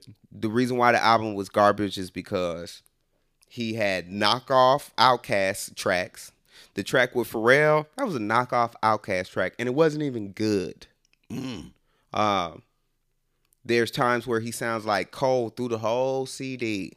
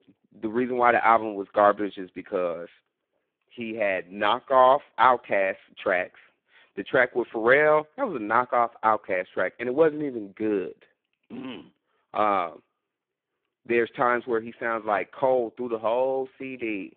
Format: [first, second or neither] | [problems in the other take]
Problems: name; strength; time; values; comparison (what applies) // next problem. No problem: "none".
first | phone-call audio; poor line